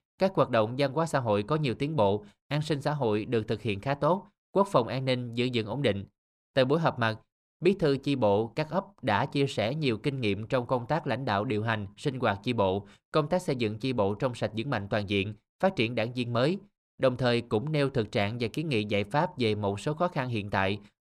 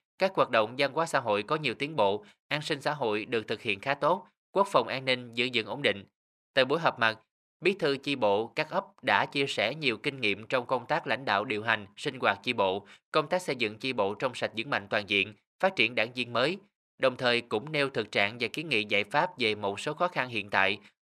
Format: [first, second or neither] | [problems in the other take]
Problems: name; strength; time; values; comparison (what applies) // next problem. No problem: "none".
first | thin; somewhat; fading below 1 kHz